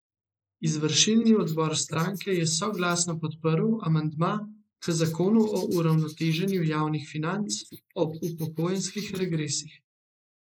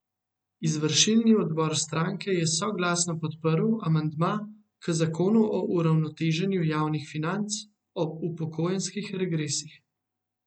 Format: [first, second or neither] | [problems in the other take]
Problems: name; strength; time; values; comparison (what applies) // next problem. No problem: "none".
second | noise reduction (neural mask model Resemble Enhance denoiser)